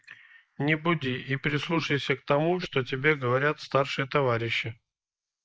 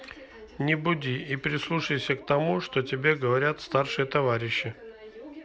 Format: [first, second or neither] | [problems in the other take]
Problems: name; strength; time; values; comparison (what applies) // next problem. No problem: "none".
second | noise reduction (neural mask model Resemble Enhance denoiser)